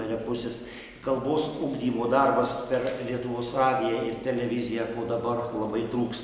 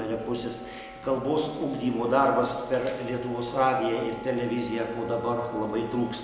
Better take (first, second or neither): first